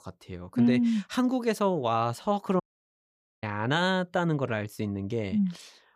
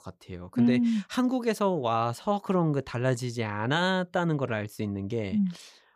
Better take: second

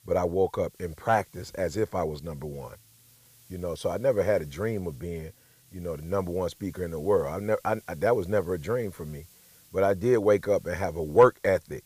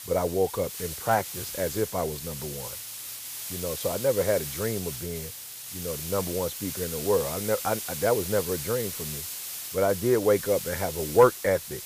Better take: first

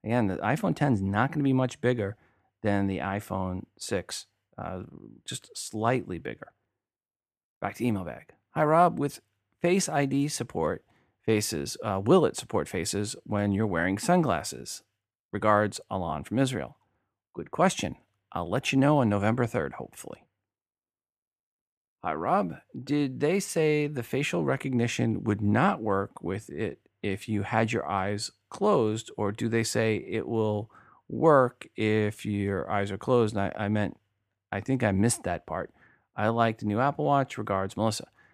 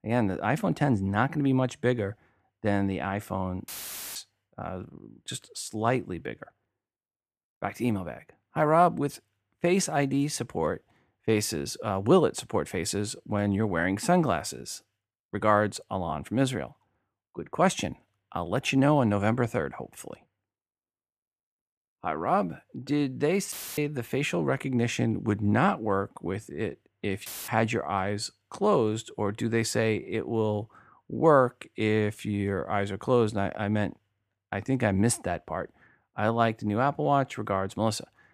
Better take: first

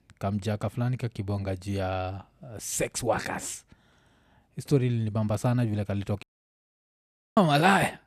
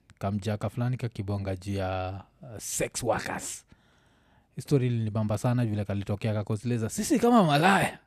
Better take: second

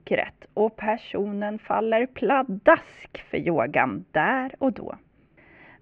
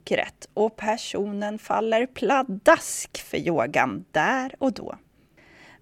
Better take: second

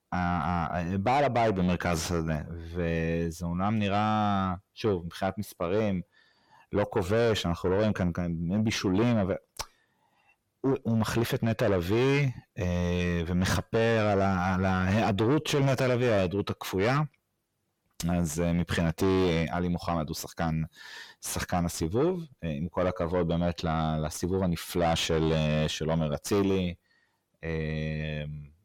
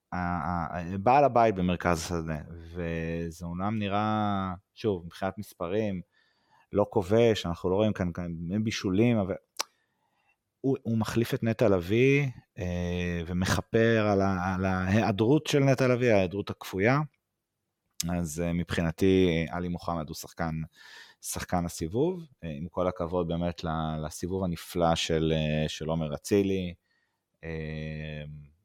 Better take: second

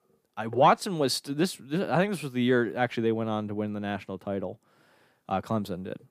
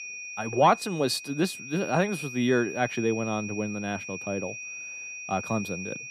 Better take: first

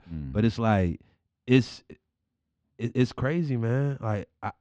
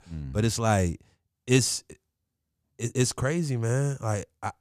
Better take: second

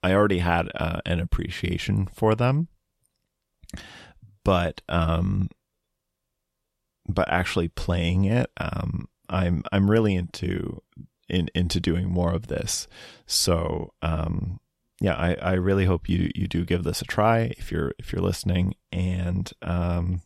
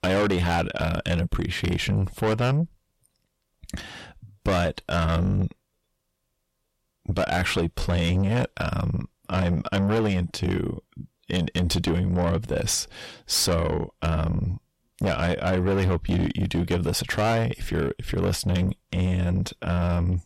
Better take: first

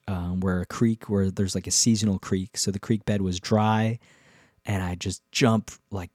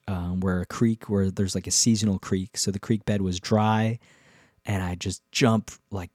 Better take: neither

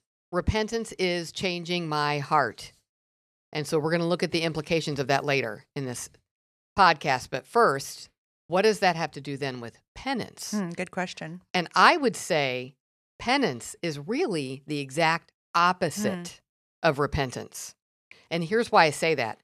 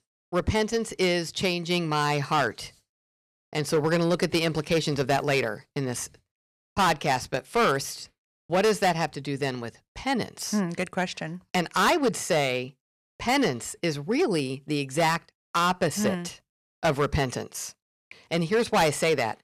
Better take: first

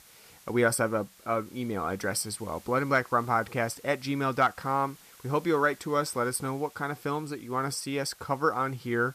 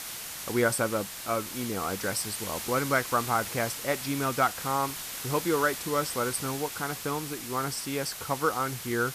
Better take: first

